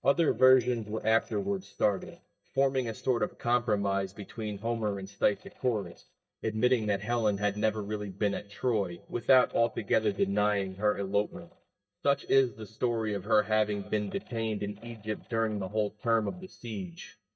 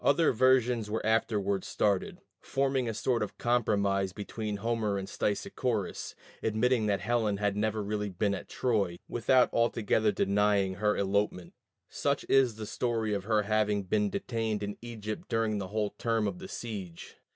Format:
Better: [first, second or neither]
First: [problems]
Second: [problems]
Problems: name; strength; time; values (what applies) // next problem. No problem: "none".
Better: second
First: noise reduction (neural mask model DeepFilterNet 3)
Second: none